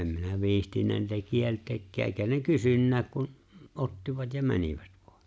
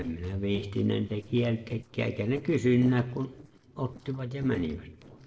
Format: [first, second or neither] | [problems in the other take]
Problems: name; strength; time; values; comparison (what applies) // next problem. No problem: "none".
first | noise reduction (neural separator model SepFormer DNS4)